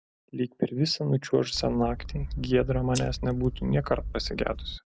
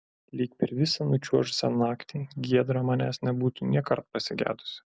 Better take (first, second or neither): second